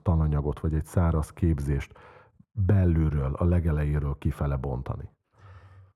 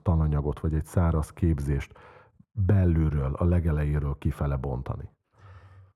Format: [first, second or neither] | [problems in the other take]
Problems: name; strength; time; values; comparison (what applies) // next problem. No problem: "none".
neither | muffled; very; fading above 2.5 kHz; the same in both